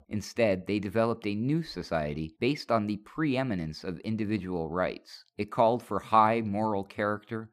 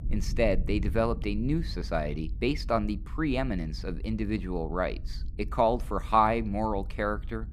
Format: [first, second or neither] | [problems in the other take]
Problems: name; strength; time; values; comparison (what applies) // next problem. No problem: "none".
first | low rumble; faint; throughout; 25 dB below the speech